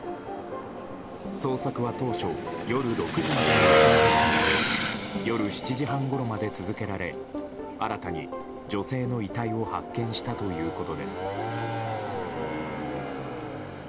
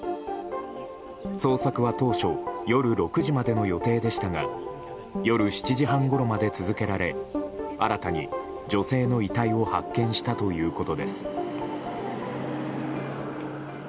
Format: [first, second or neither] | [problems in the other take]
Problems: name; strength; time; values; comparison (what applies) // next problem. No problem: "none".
second | background sound (Motorcycle / Engine); 2 dB above the speech